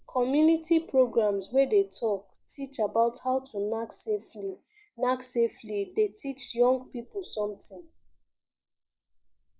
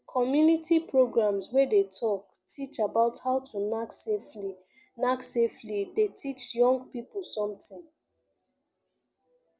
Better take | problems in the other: second | noise reduction (neural mask model Resemble Enhance denoiser)

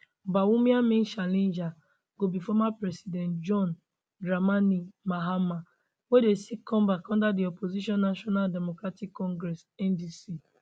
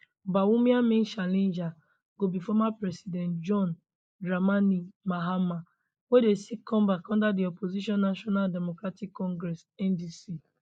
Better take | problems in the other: first | noise reduction (neural mask model Resemble Enhance denoiser)

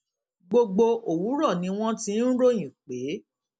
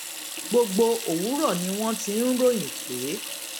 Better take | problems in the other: first | background sound (Sink (filling or washing) / Water tap, faucet); 8 dB below the speech

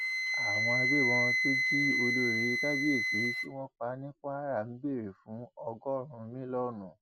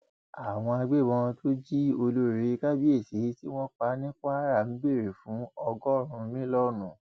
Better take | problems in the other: second | background sound (Wind instrument, woodwind instrument); 3 dB above the speech

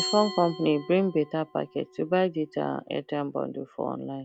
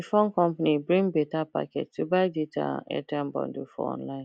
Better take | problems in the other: second | background sound (Glass); 14 dB below the speech

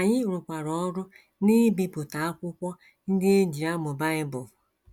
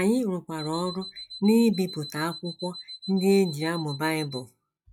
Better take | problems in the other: first | noise reduction (classical method log-MMSE)

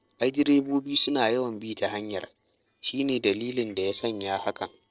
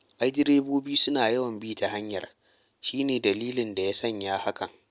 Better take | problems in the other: second | noise reduction (neural separator model SepFormer DNS4)

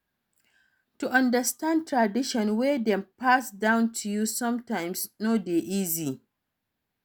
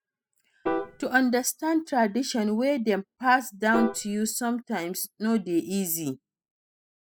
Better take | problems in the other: first | noise reduction (classical method spectral subtraction)

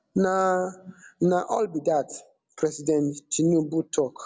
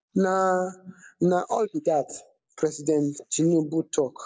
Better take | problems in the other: first | noise reduction (neural mask model Resemble Enhance denoiser)

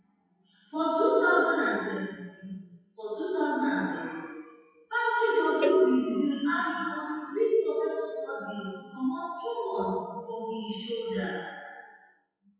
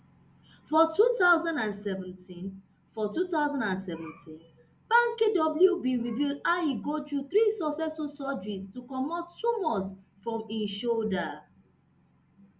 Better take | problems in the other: second | noise reduction (classical method WPE with log-MMSE)

